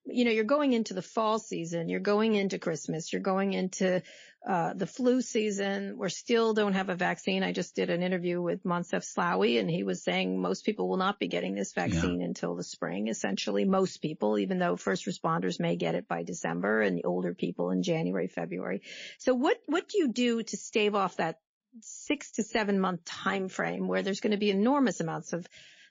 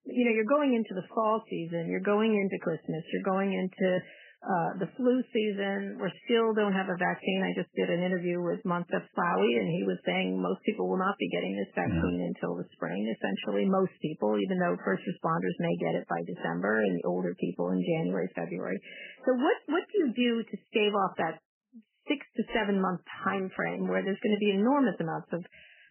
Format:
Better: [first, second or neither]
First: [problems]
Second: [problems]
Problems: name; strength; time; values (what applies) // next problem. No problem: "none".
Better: first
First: garbled, watery; slightly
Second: garbled, watery; badly; nothing above 3 kHz